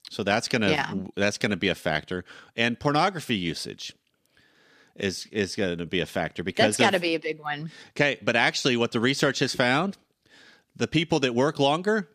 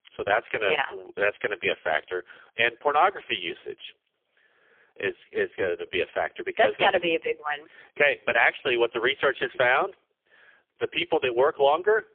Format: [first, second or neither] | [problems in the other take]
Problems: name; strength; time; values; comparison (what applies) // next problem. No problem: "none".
first | phone-call audio; poor line; nothing above 3.5 kHz